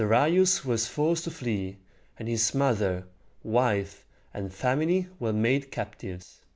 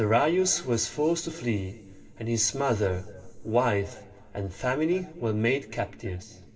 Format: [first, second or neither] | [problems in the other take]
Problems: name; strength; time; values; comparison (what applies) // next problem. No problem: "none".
first | room echo; dies away in 2.5 s